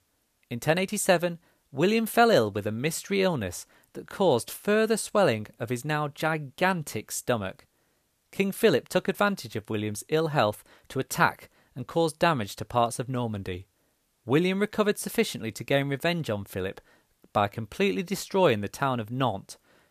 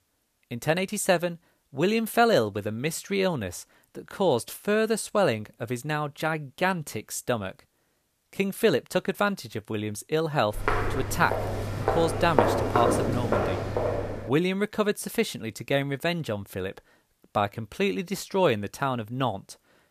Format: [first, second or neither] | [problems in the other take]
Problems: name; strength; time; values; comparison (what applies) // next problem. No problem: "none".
first | footsteps; loud; from 11 to 14 s; peak 4 dB above the speech